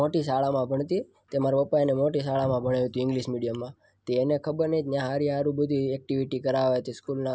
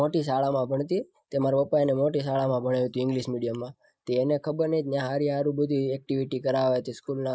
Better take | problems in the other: first | noise reduction (neural mask model Resemble Enhance denoiser)

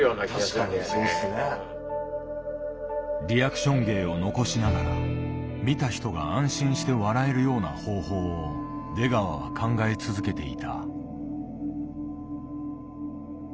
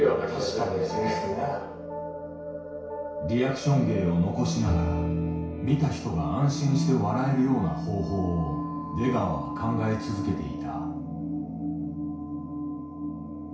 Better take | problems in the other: first | room echo; dies away in 0.6 s

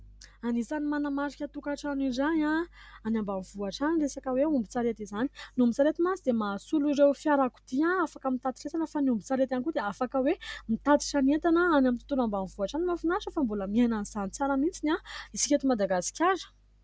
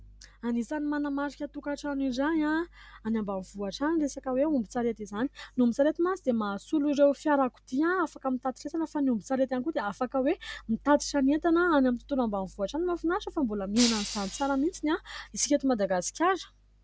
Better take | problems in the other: first | background sound (Shatter); 7 dB below the speech

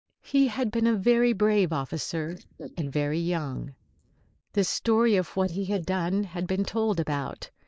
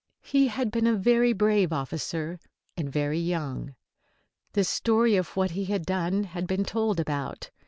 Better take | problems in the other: second | noise reduction (neural mask model Resemble Enhance denoiser)

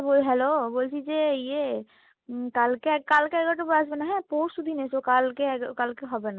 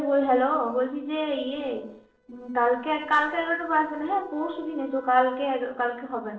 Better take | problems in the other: first | noise reduction (neural separator model SepFormer DNS4)

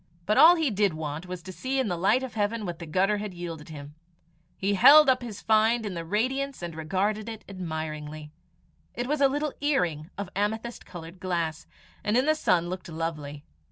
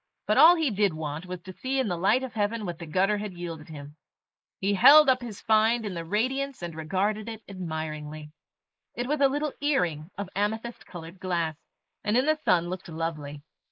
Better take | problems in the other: first | noise reduction (neural mask model Resemble Enhance denoiser)

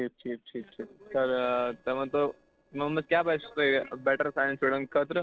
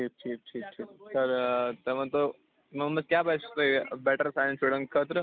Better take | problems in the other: second | noise reduction (neural separator model SepFormer DNS4)

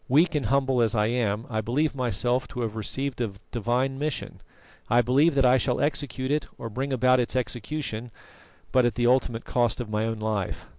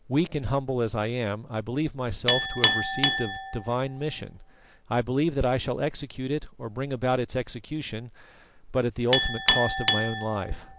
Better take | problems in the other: first | background sound (Chink, clink); 3 dB below the speech

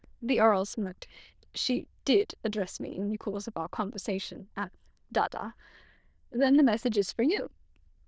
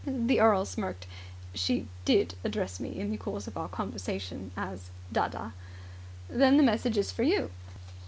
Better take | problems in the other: second | noise reduction (neural diffusion model UNIVERSE++)

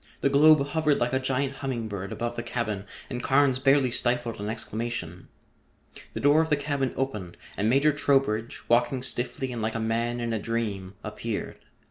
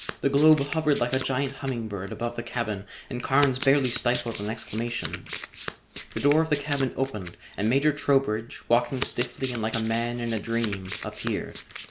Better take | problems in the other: first | background sound (Domestic sounds, home sounds); 13 dB below the speech

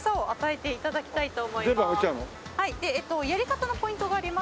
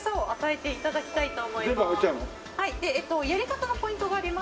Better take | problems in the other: first | background sound (Bowed string instrument); 19 dB below the speech // room echo; dies away in 0.6 s

